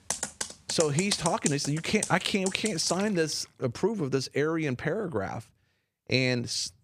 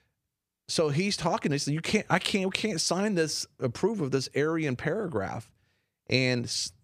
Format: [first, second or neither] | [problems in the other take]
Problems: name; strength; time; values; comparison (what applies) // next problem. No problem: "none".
second | household noises; loud; until 3 s; 6 dB below the speech